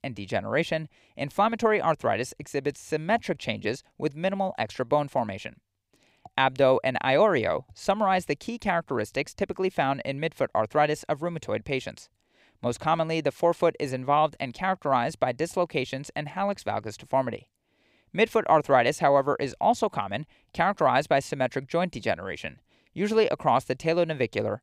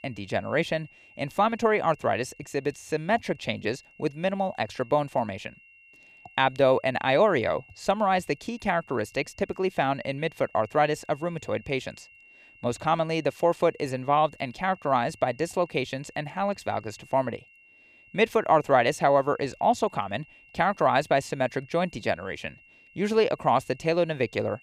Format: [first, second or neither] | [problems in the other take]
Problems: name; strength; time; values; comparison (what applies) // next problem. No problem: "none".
first | high-pitched whine; faint; throughout; 2.5 kHz, 25 dB below the speech